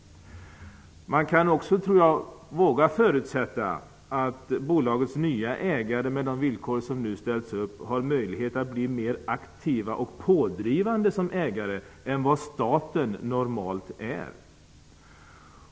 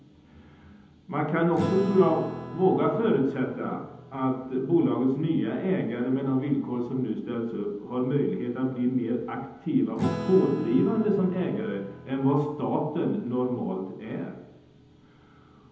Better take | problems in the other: first | background sound (Acoustic guitar / Strum); 13 dB below the speech // room echo; dies away in 0.9 s

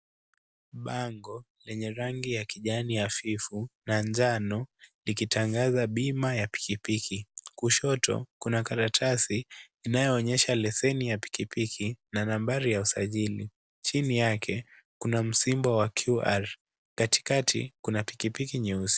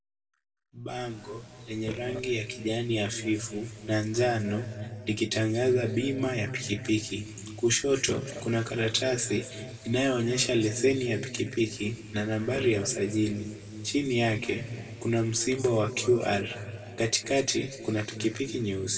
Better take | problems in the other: first | background sound (Burping, eructation); 19 dB below the speech // room echo; dies away in 2.6 s

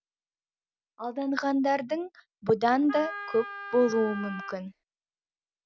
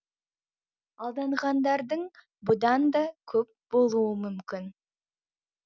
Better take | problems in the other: second | background sound (Wind instrument, woodwind instrument); 10 dB below the speech

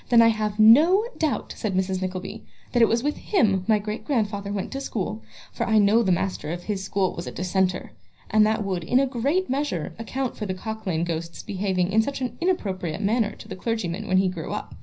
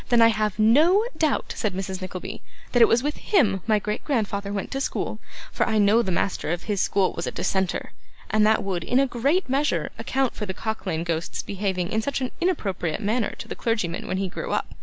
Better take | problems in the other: second | room echo; dies away in 0.4 s

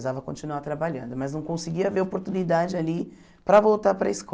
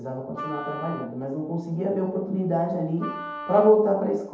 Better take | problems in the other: first | background sound (Wind instrument, woodwind instrument); 13 dB below the speech // room echo; dies away in 0.8 s

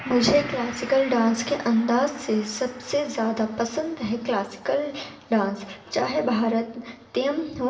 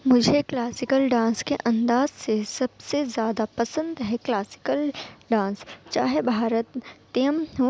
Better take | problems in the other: second | background sound (Gong); 19 dB below the speech // room echo; dies away in 0.7 s

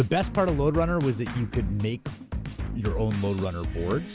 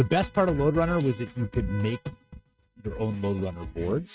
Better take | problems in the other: first | noise reduction (neural mask model RNNoise)

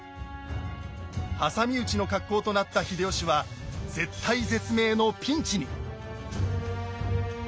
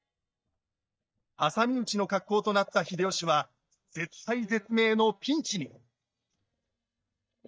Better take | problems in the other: first | noise reduction (neural mask model DeepFilterNet 3)

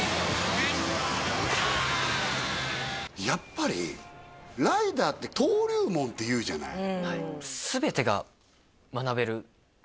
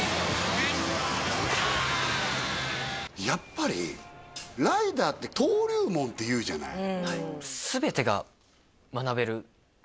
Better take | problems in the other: first | background sound (Hi-hat); 19 dB below the speech

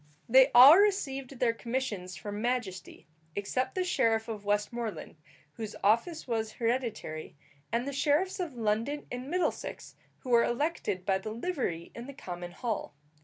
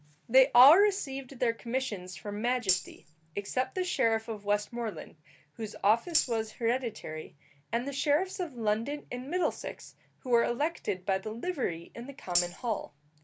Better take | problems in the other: first | background sound (Tambourine); 6 dB below the speech

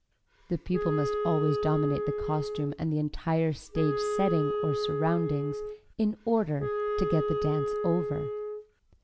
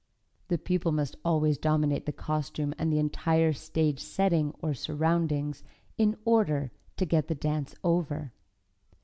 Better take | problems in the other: second | background sound (Wind instrument, woodwind instrument); 2 dB below the speech

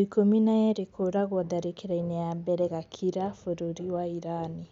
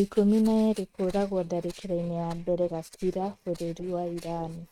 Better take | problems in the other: first | noise reduction (neural mask model RNNoise)

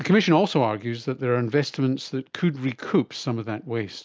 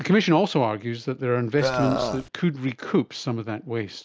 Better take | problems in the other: first | background sound (Burping, eructation); 1 dB below the speech

